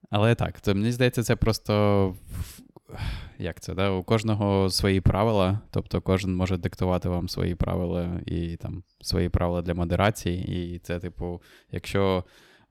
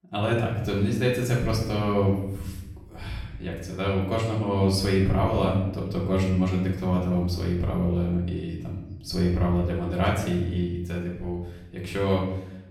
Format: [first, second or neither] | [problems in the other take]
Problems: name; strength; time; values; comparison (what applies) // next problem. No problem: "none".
first | off-mic speech; far // room echo; noticeable; dies away in 0.8 s